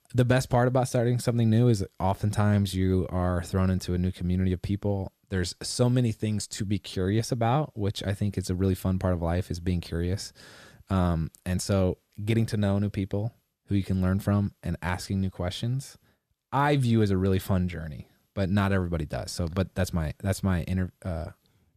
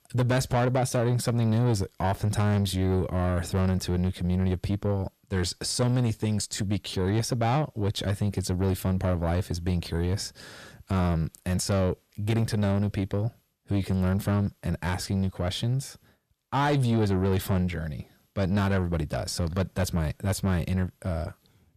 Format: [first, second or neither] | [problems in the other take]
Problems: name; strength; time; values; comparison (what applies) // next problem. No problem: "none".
first | distortion; slight; 10 dB below the speech